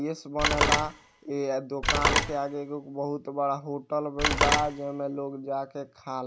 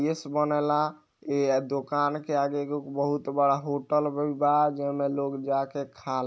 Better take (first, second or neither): second